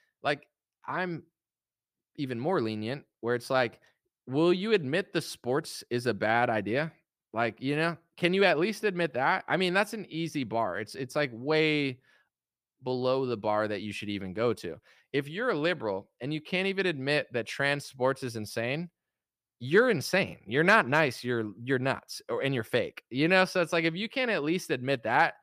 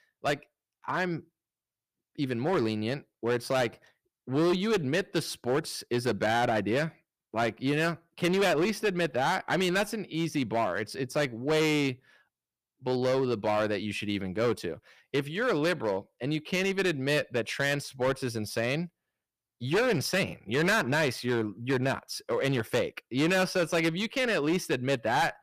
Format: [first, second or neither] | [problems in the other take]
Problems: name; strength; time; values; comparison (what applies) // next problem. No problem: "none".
first | distortion; heavy; 10% of the sound clipped